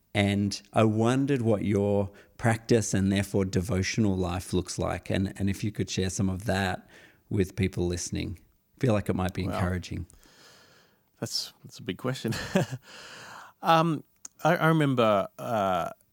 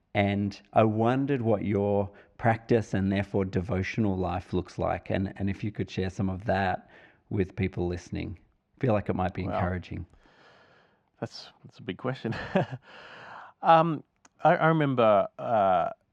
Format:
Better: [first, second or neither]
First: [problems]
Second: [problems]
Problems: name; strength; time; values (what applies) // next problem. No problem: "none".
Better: first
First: none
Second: muffled; very; fading above 2.5 kHz